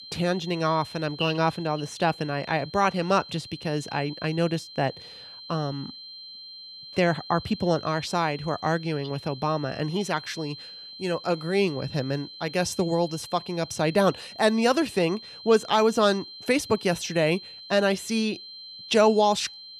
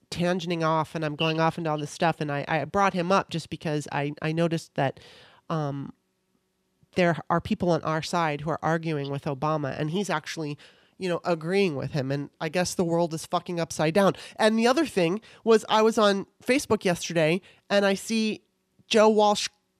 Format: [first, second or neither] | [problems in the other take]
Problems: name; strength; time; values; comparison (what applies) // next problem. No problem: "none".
second | high-pitched whine; noticeable; throughout; 4 kHz, 15 dB below the speech